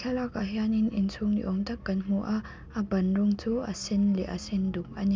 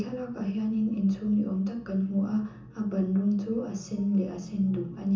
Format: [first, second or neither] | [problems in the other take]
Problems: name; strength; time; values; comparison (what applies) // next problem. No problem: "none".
first | room echo; dies away in 0.7 s